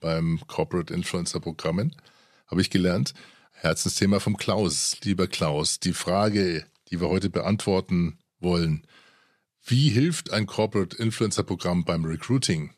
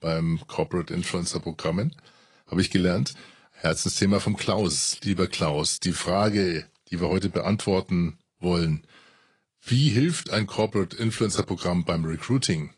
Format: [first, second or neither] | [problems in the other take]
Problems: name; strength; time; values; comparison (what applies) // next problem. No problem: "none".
first | garbled, watery; slightly; nothing above 10 kHz